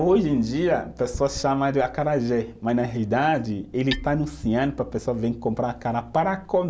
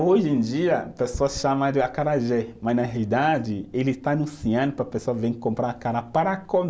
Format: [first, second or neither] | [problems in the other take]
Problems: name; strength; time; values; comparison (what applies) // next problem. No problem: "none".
second | background sound (Hammer); 18 dB below the speech